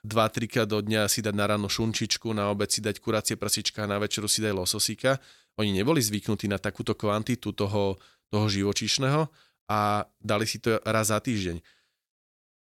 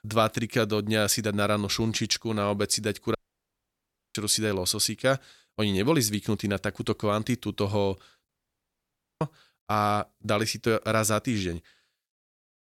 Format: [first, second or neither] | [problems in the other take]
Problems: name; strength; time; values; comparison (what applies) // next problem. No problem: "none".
first | audio cutting out; at 3 s for 1 s and at 8.5 s for 1 s